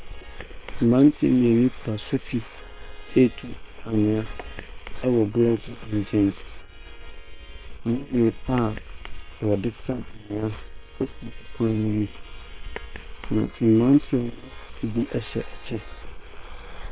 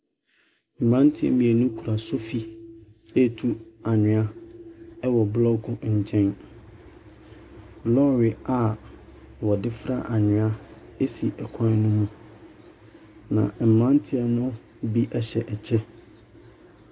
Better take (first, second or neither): second